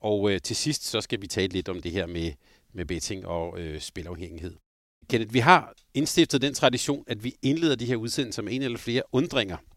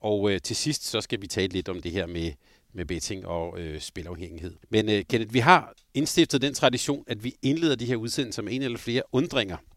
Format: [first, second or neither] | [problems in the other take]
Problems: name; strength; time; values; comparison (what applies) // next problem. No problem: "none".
second | audio cutting out; at 4.5 s